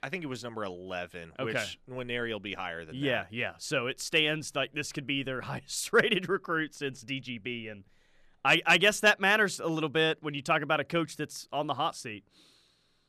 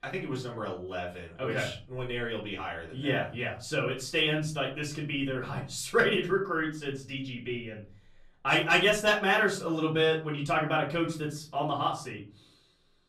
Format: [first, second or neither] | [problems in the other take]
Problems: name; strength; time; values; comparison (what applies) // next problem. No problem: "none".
first | off-mic speech; far // room echo; slight; dies away in 0.5 s